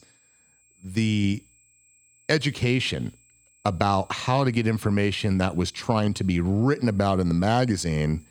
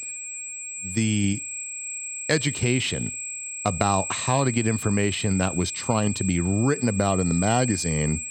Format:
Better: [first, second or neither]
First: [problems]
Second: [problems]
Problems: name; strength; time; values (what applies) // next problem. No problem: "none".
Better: first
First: high-pitched whine; faint; throughout; 7.5 kHz, 35 dB below the speech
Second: high-pitched whine; loud; throughout; 7.5 kHz, 6 dB below the speech